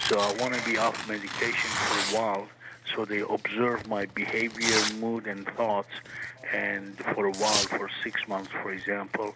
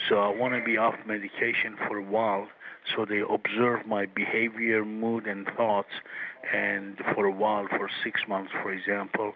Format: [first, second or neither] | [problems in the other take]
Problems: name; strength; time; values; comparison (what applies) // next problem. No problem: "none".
second | background sound (Tearing); 5 dB below the speech